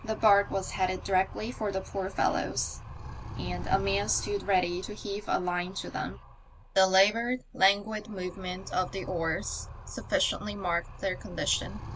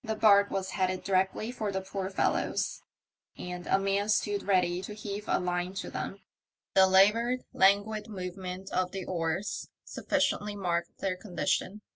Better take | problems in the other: second | background sound (Animal); 12 dB below the speech

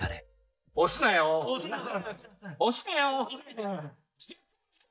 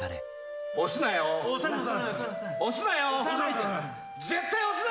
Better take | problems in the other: second | noise reduction (neural mask model DeepFilterNet 3)

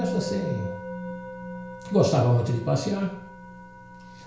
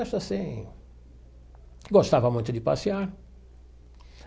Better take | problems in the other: second | background sound (Musical instrument); 9 dB below the speech // room echo; dies away in 0.5 s

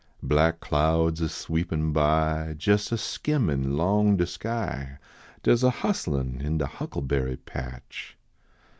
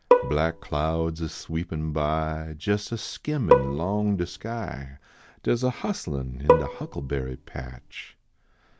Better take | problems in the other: first | background sound (Bowed string instrument); 2 dB above the speech

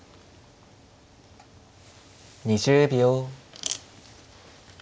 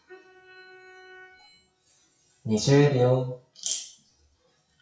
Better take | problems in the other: first | noise reduction (classical method WPE with log-MMSE)

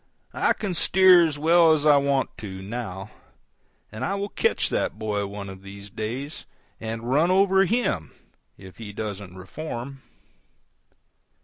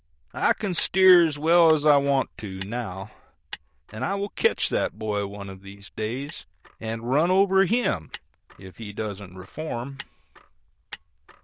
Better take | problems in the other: first | noise reduction (neural diffusion model UNIVERSE++)

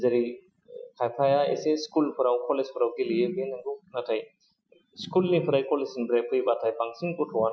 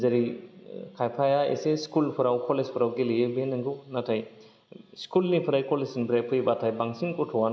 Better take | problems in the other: second | noise reduction (classical method Wiener filter)

